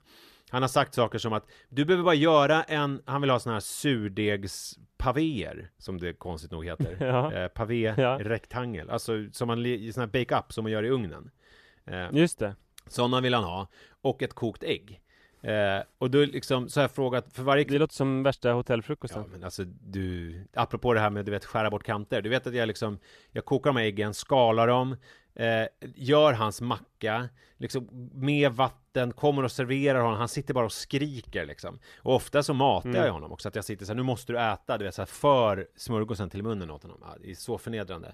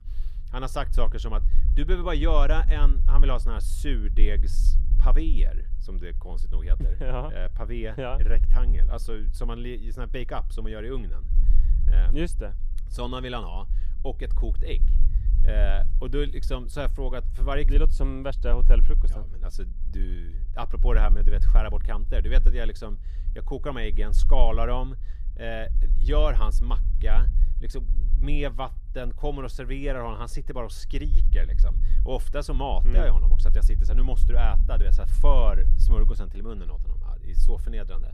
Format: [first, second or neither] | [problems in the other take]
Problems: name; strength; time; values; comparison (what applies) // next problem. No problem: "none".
first | low rumble; noticeable; throughout; 15 dB below the speech